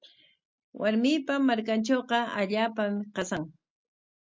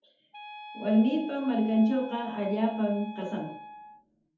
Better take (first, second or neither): first